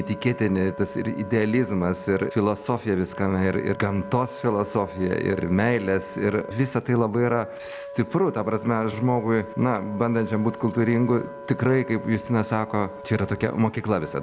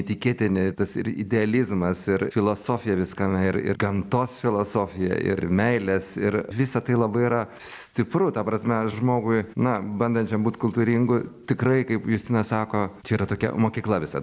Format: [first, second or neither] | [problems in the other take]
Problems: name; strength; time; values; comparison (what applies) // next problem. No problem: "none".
second | background sound (Wind instrument, woodwind instrument); 15 dB below the speech